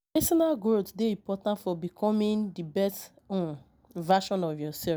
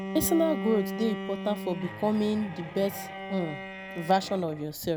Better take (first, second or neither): first